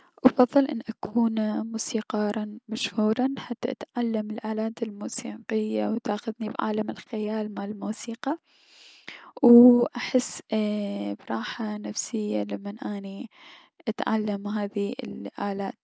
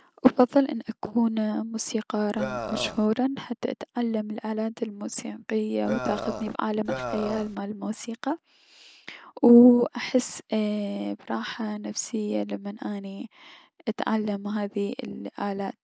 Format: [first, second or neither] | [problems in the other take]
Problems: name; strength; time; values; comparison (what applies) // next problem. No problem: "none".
first | background sound (Burping, eructation); 6 dB below the speech